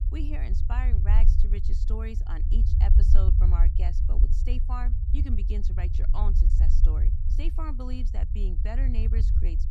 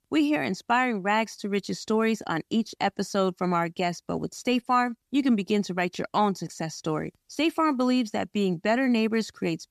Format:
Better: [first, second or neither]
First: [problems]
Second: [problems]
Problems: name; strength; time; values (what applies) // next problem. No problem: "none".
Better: second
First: low rumble; loud; throughout; 4 dB below the speech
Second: none